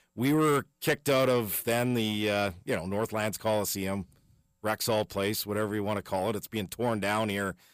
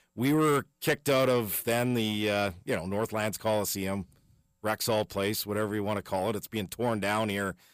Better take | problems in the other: neither | distortion; slight; 10 dB below the speech; the same in both

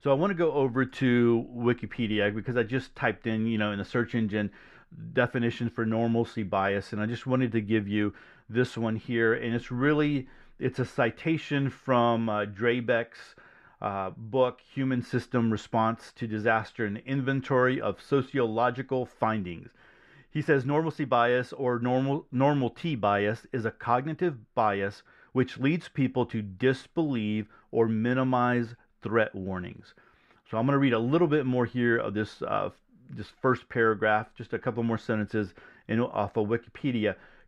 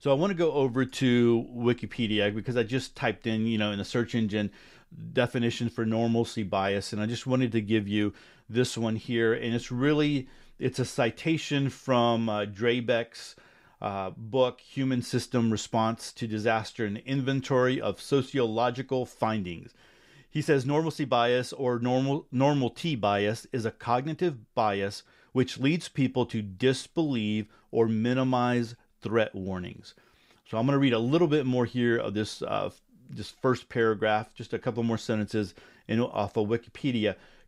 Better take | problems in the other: second | muffled; slightly; fading above 3.5 kHz

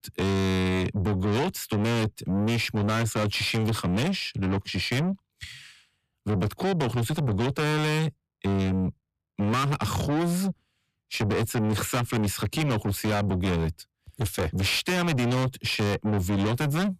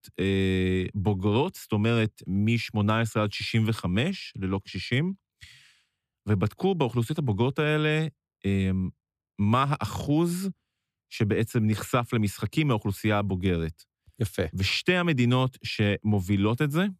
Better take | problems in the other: second | distortion; heavy; 6 dB below the speech

